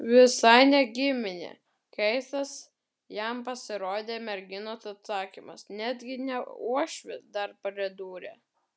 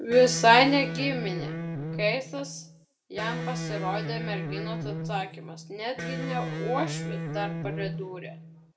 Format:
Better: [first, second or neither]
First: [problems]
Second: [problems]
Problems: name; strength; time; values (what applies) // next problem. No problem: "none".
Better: first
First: none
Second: background sound (Electric guitar); 6 dB below the speech // room echo; dies away in 0.3 s